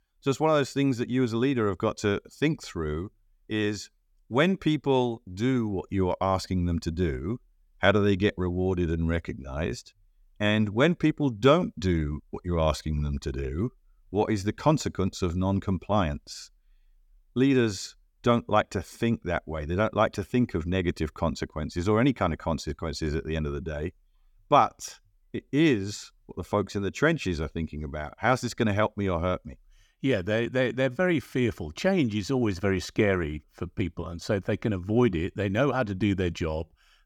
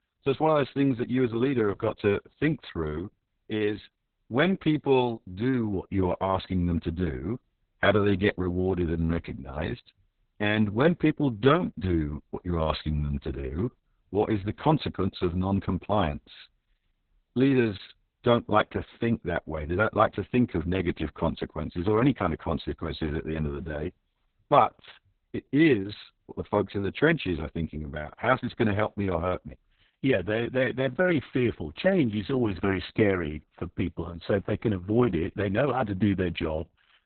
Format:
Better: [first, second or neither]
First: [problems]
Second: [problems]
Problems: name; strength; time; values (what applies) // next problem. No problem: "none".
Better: first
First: none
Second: garbled, watery; badly; nothing above 4 kHz